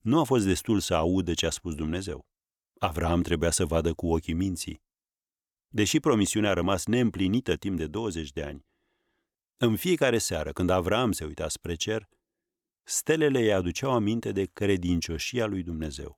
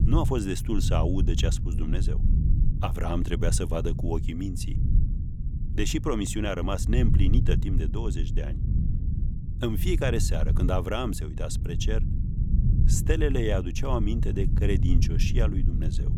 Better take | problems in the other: first | low rumble; loud; throughout; 9 dB below the speech

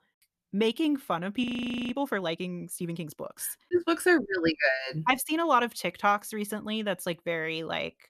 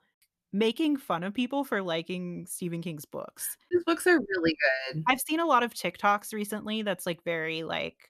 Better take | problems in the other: second | audio freezing; at 1.5 s

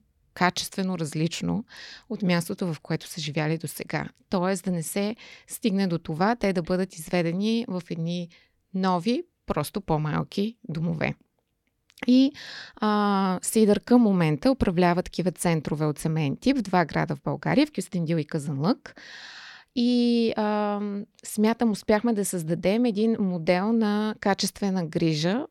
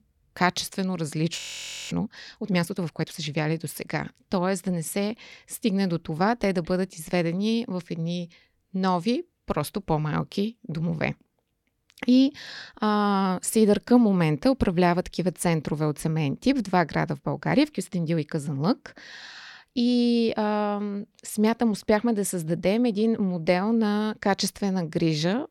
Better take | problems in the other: first | audio freezing; at 1.5 s for 0.5 s

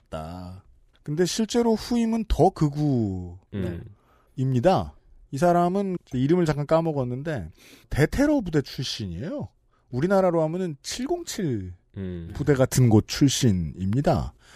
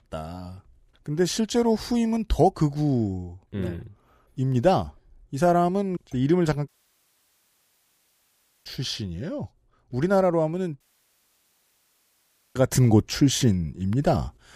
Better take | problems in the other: first | audio cutting out; at 6.5 s for 2 s and at 11 s for 2 s

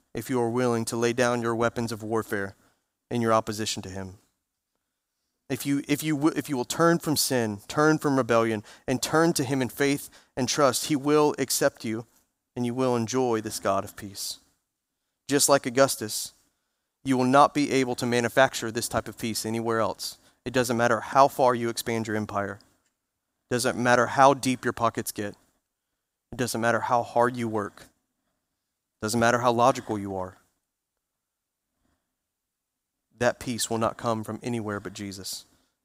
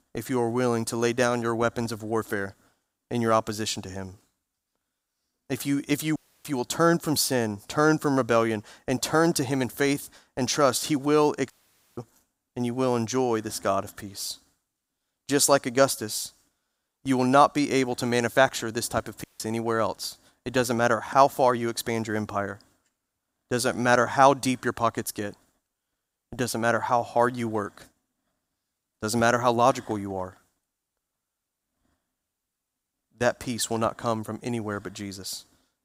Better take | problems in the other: first | audio cutting out; at 6 s, at 12 s and at 19 s

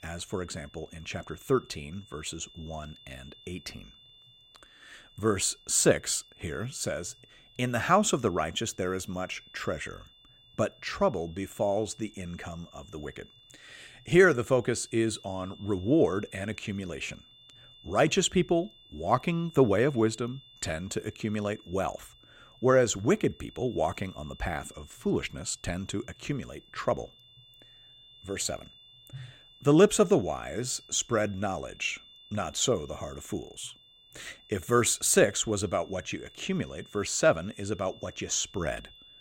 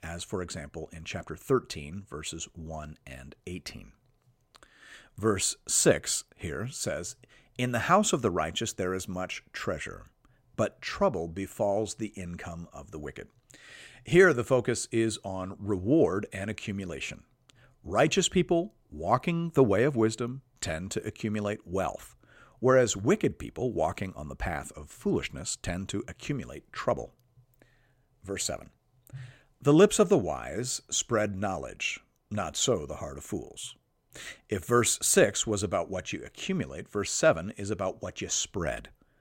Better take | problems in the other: second | high-pitched whine; faint; throughout; 3.5 kHz, 25 dB below the speech

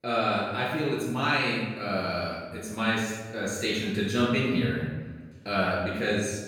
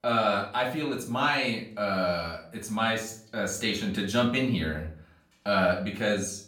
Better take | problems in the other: second | room echo; strong; dies away in 1.3 s; slight in the second // off-mic speech; far; far in the second

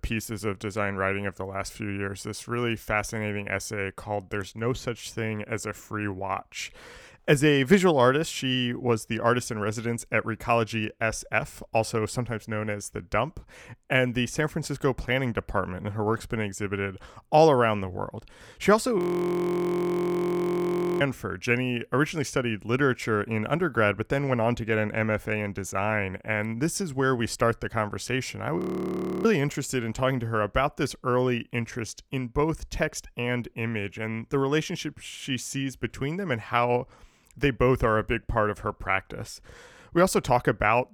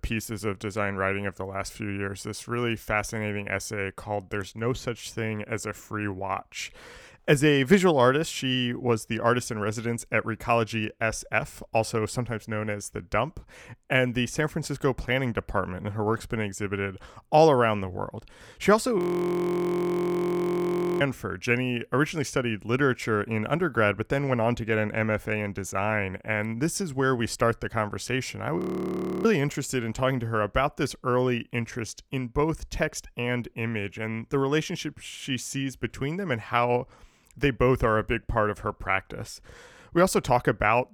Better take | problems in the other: neither | audio freezing; at 19 s for 2 s and at 29 s for 0.5 s; the same in both

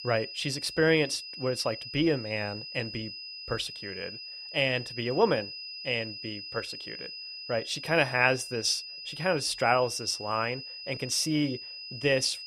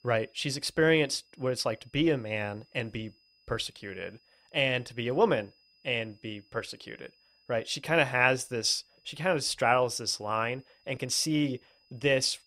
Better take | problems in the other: second | high-pitched whine; loud; throughout; 5 kHz, 10 dB below the speech; faint in the second

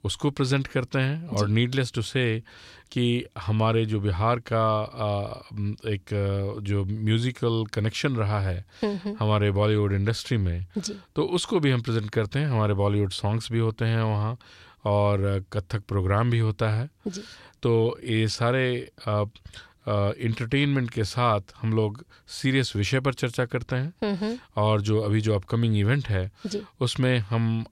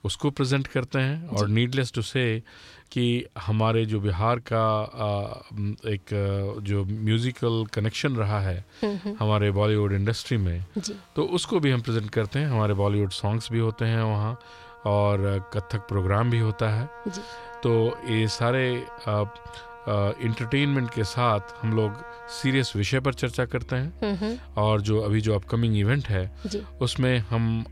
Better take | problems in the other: first | background music; noticeable; throughout; 20 dB below the speech

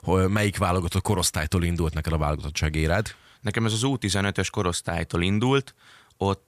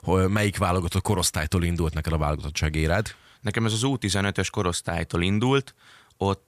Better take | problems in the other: neither | none

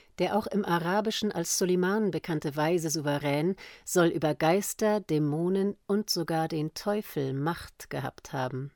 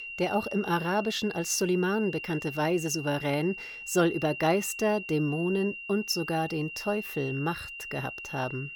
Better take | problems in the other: first | high-pitched whine; loud; throughout; 3 kHz, 9 dB below the speech

